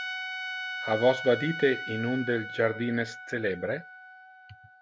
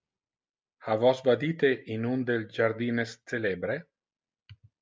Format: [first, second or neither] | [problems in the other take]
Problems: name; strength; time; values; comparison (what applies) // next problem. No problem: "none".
second | background sound (Trumpet); 8 dB below the speech